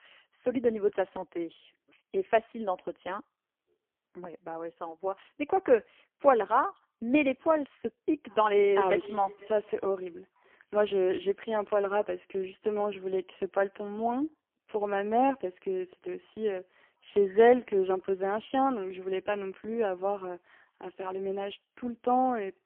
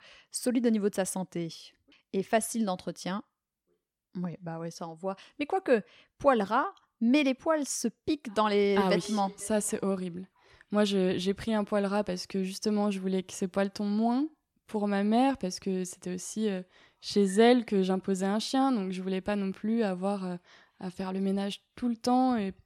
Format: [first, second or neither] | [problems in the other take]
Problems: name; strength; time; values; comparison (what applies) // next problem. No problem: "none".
second | phone-call audio; poor line; nothing above 3.5 kHz